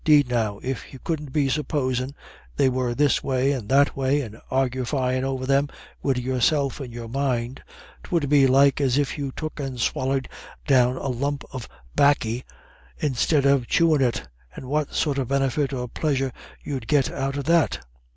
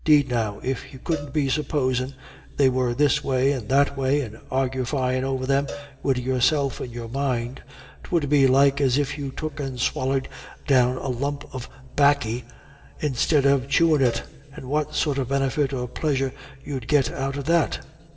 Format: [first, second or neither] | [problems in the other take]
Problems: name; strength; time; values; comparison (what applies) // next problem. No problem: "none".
first | background sound (Cowbell); 19 dB below the speech // room echo; dies away in 2.3 s